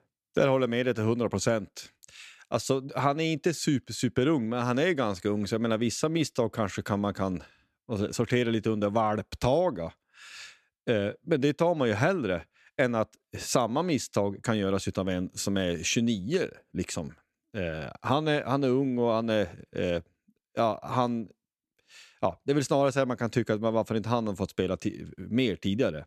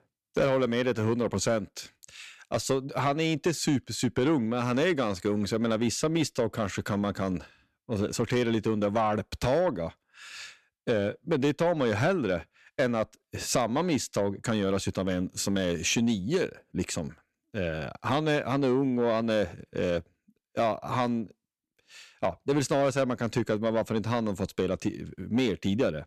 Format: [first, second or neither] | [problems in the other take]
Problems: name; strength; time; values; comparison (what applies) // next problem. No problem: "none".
first | distortion; slight; 10 dB below the speech